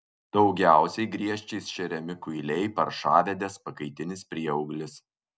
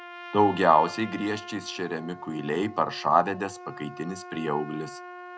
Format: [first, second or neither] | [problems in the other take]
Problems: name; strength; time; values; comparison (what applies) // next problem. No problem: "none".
first | background sound (Trumpet); 15 dB below the speech